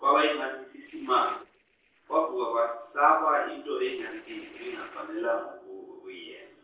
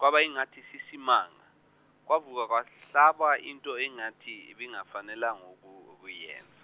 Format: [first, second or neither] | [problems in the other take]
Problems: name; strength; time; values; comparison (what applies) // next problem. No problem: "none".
second | noise reduction (neural separator model SepFormer DNS4)